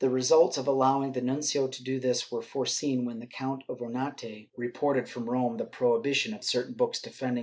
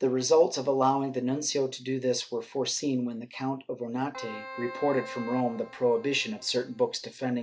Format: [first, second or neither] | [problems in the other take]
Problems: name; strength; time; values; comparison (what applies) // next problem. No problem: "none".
first | background sound (Keyboard (musical)); 15 dB below the speech